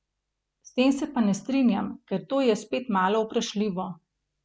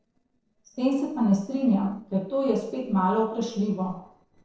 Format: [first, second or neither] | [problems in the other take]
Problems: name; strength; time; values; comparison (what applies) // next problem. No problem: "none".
first | noise reduction (neural separator model SepFormer DNS4)